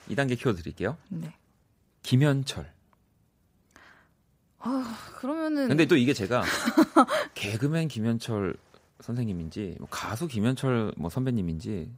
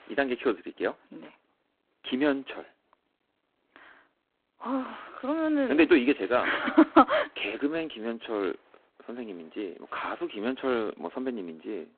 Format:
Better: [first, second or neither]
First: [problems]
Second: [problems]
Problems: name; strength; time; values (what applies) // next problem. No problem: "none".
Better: first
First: none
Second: phone-call audio; poor line; nothing above 3.5 kHz